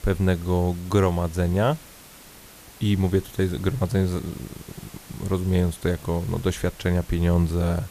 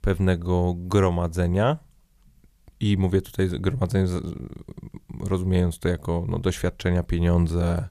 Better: second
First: hiss; faint; throughout; 20 dB below the speech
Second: none

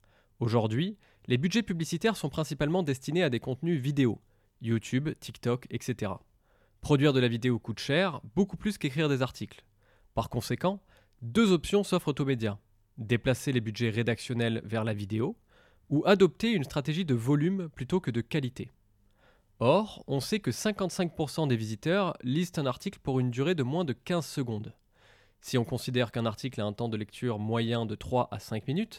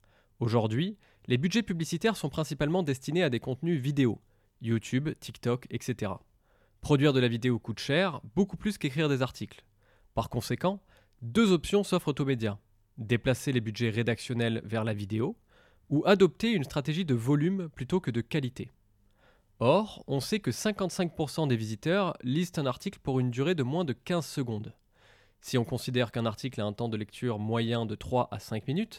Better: neither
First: none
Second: none

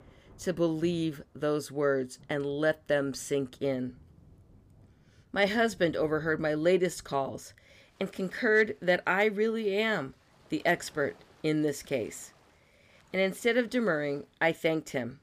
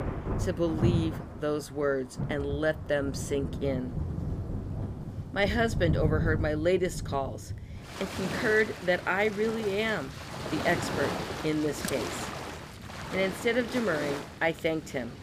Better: first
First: rain or running water; faint; throughout; 30 dB below the speech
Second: rain or running water; loud; throughout; 5 dB below the speech

